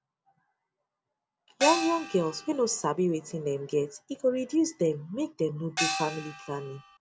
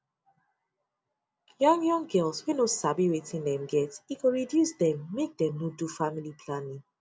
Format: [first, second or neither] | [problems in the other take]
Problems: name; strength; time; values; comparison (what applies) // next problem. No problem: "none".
second | background sound (Gong); 4 dB below the speech